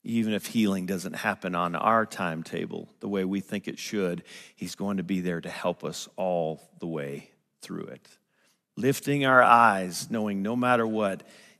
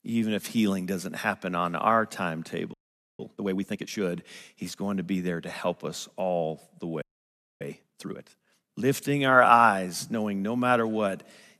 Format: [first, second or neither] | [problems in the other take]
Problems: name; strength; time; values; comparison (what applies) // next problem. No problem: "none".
first | audio freezing; at 2.5 s and at 7 s for 0.5 s